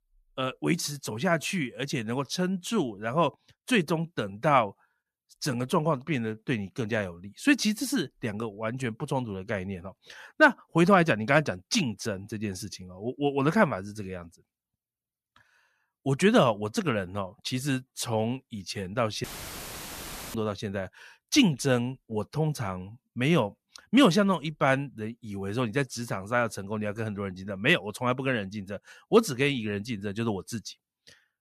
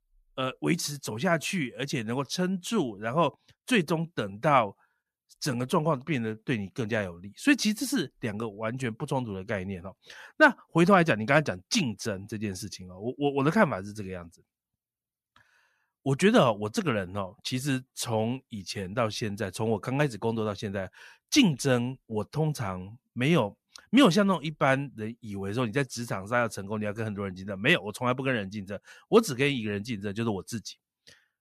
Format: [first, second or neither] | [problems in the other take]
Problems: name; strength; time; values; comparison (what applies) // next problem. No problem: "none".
second | audio cutting out; filled with static; at 19 s for 1 s